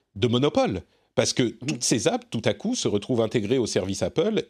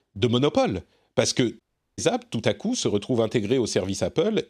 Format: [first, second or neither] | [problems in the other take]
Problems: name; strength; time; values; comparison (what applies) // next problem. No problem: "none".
first | audio cutting out; at 1.5 s